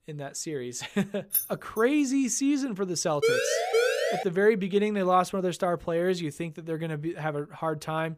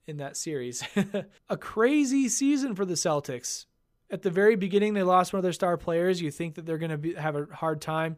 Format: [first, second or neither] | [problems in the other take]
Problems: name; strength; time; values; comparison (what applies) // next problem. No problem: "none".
second | jangling keys; loud; at 1.5 s; peak level with the speech // siren; loud; from 3 to 4 s; peak 4 dB above the speech